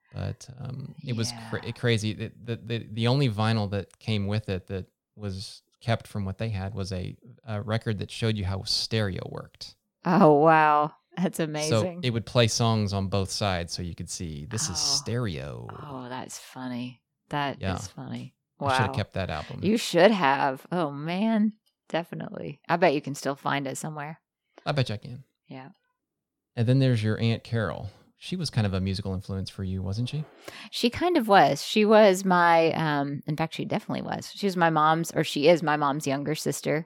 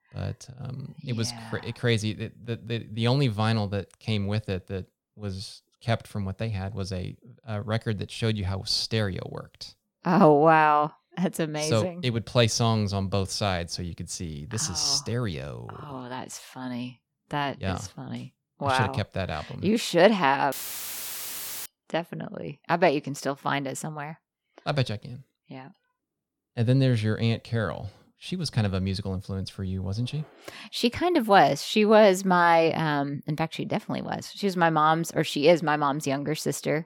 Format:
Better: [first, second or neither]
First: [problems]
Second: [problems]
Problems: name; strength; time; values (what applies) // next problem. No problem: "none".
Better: first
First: none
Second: audio cutting out; filled with static; at 21 s for 1 s